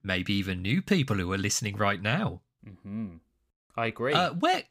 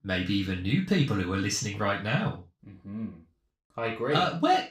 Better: first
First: none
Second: room echo; slight; dies away in 0.3 s // off-mic speech; far

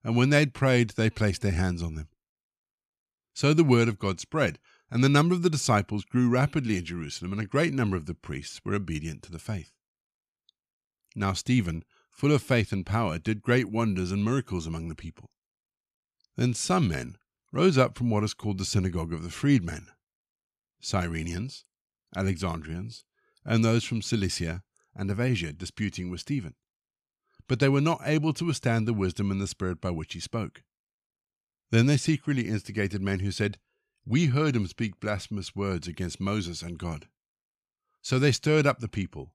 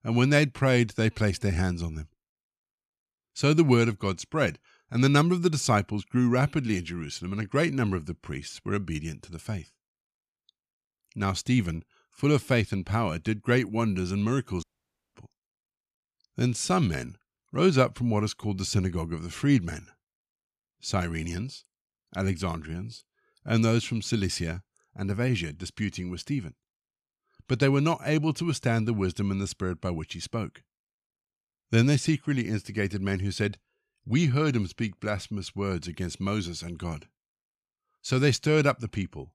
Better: first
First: none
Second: audio cutting out; at 15 s for 0.5 s

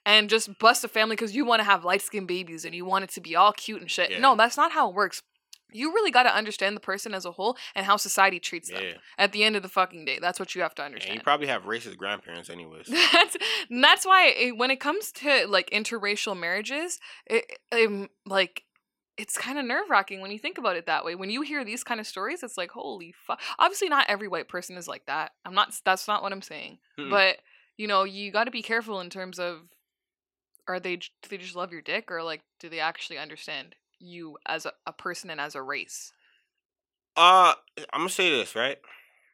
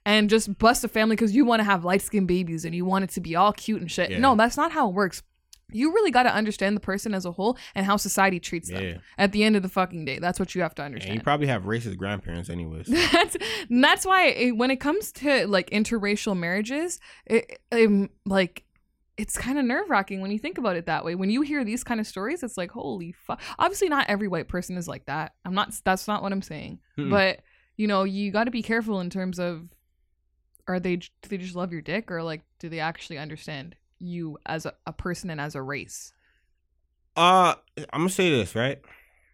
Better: second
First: thin; somewhat; fading below 400 Hz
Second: none

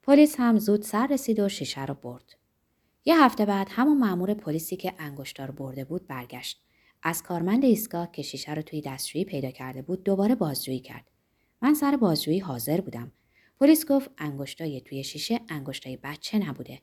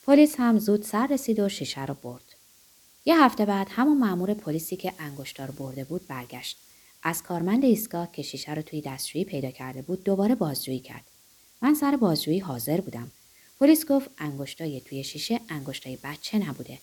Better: first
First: none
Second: hiss; faint; throughout; 25 dB below the speech

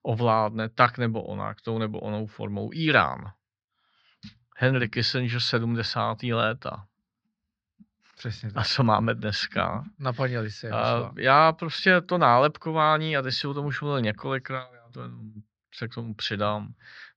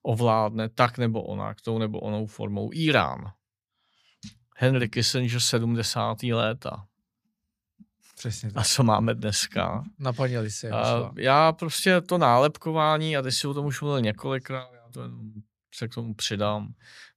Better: second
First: muffled; very slightly; fading above 5 kHz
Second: none

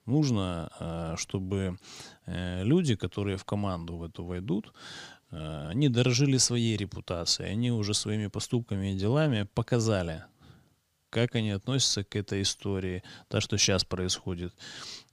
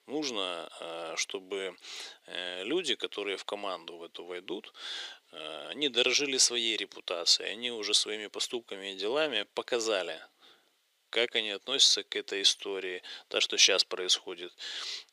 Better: first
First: none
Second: thin; very; fading below 400 Hz

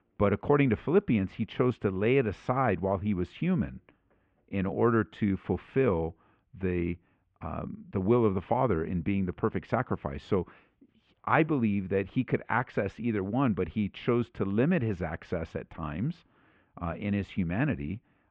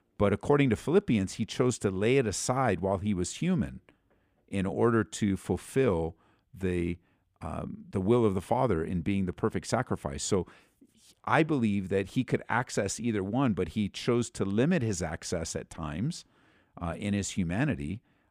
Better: second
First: muffled; very; fading above 2.5 kHz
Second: none

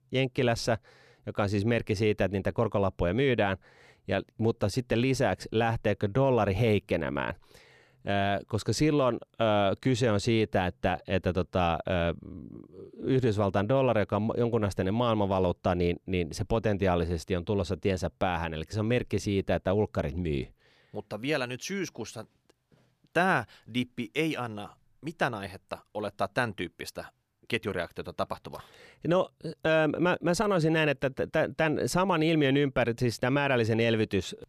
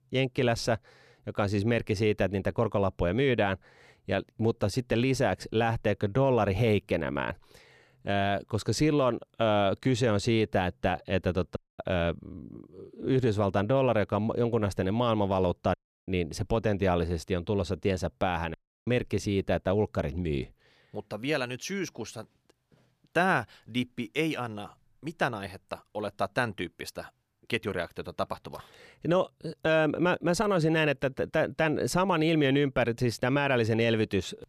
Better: first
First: none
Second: audio cutting out; at 12 s, at 16 s and at 19 s

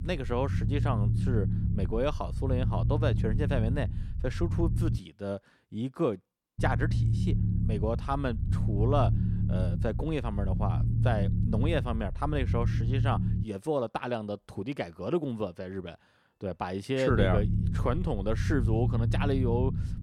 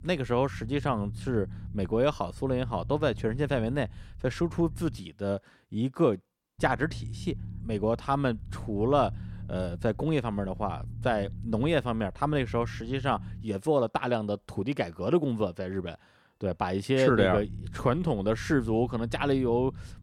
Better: second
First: low rumble; loud; until 5 s, from 6.5 to 13 s and from 17 s on; 9 dB below the speech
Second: low rumble; faint; until 5 s, from 6.5 to 13 s and from 17 s on; 25 dB below the speech

